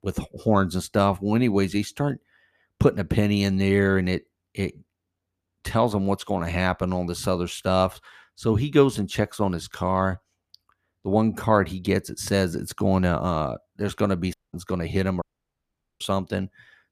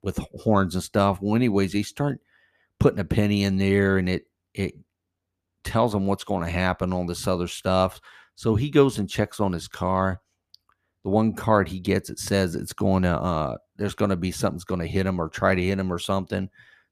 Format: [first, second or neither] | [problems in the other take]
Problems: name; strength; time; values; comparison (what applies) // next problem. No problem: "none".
second | audio cutting out; at 14 s and at 15 s for 1 s